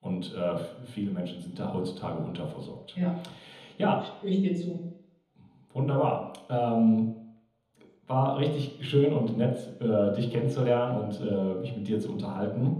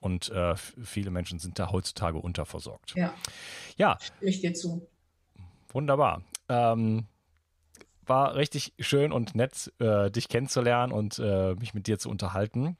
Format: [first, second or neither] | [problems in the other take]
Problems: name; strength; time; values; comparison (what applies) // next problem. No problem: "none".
second | room echo; noticeable; dies away in 1 s // off-mic speech; far